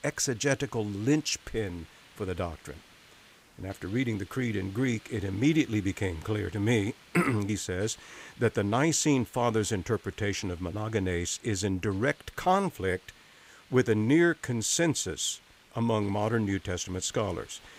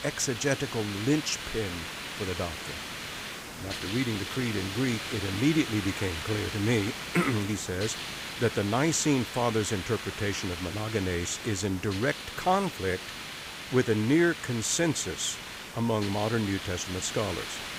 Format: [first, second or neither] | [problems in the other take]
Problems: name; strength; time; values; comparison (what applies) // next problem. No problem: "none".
first | hiss; loud; throughout; 7 dB below the speech; faint in the first